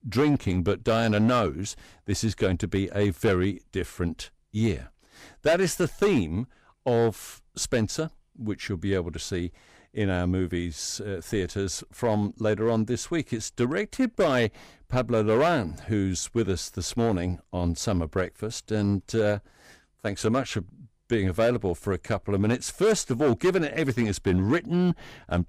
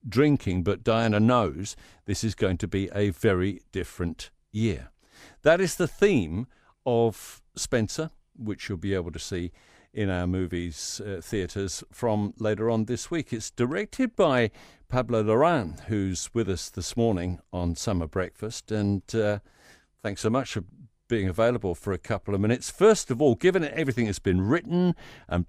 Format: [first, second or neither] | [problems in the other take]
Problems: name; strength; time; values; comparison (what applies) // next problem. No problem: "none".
second | distortion; slight; 4% of the sound clipped